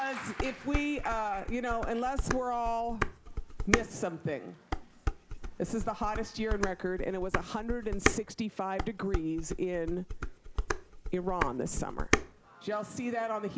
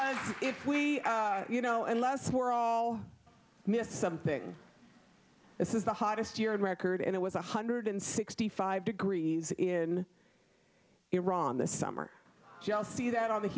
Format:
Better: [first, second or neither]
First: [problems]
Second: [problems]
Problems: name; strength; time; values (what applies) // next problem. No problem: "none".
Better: second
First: background sound (Dishes, pots, and pans); as loud as the speech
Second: none